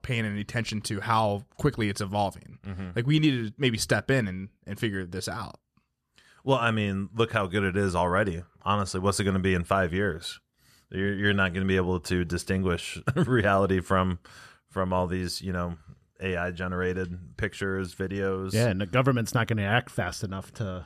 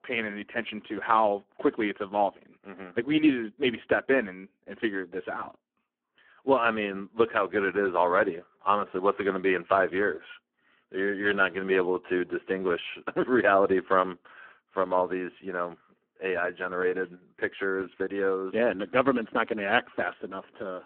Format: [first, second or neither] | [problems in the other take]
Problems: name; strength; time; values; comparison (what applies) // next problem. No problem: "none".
first | phone-call audio; poor line